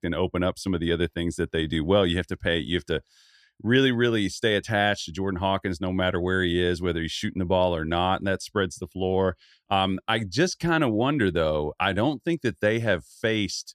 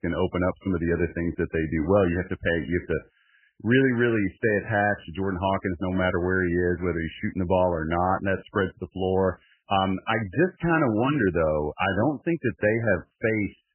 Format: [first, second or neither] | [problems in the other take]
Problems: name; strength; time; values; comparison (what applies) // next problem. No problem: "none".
first | garbled, watery; badly; nothing above 3 kHz